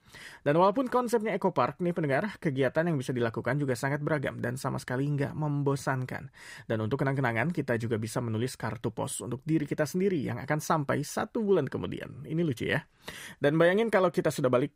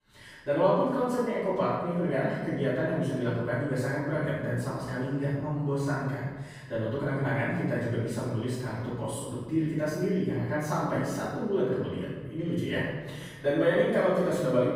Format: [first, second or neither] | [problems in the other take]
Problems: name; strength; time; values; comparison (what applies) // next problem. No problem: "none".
first | off-mic speech; far // room echo; strong; dies away in 1.2 s